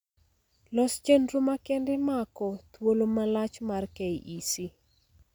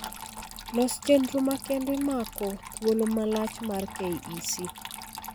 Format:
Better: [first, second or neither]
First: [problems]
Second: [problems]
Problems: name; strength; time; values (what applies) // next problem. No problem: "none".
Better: first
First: none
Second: background sound (Trickle, dribble / Water tap, faucet); 12 dB below the speech